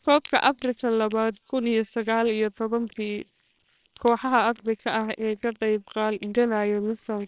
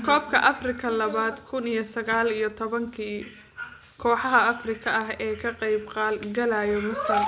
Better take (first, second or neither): second